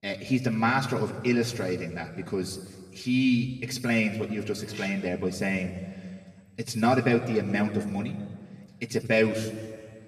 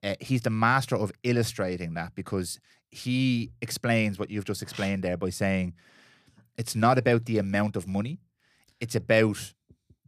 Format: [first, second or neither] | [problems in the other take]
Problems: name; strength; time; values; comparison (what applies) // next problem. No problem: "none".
second | room echo; slight; dies away in 1.6 s // off-mic speech; somewhat distant